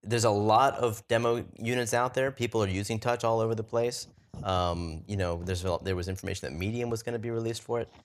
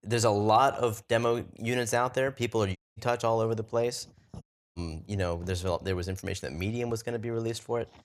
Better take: first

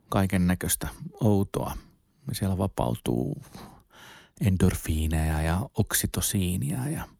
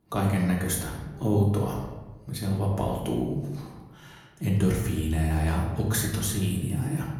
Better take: first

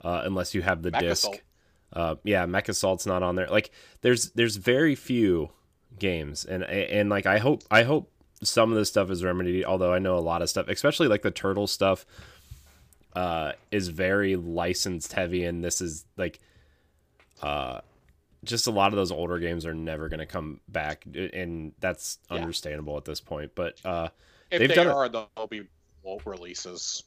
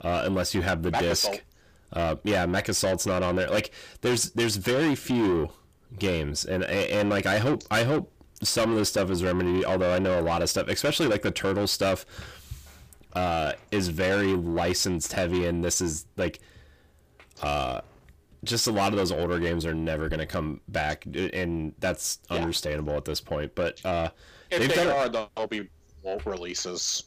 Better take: first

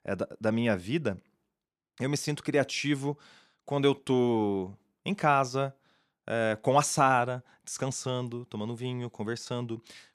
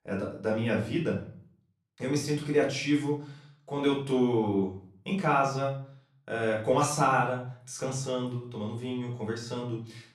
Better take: first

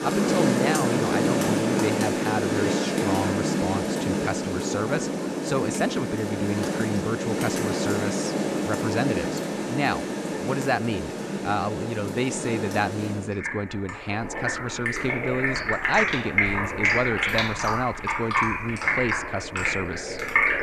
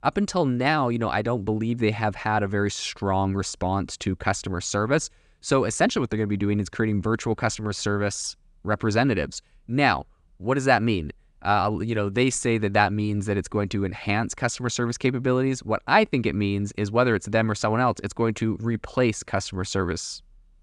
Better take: second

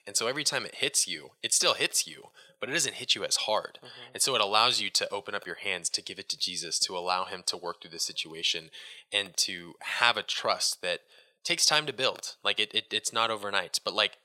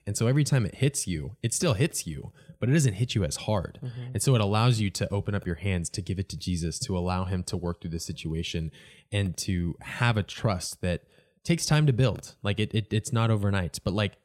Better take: second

